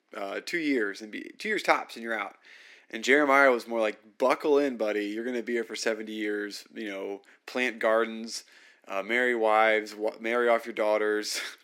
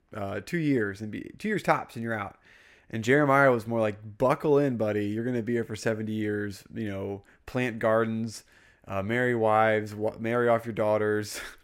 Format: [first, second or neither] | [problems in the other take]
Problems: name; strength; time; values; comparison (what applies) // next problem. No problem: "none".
second | thin; very slightly; fading below 250 Hz